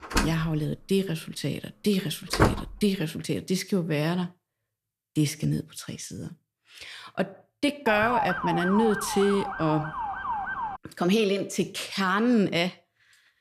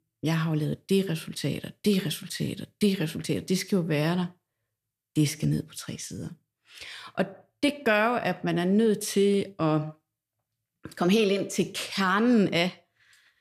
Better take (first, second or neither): second